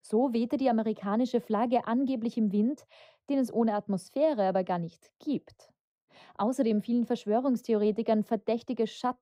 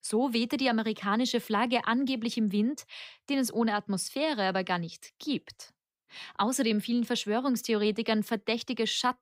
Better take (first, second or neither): second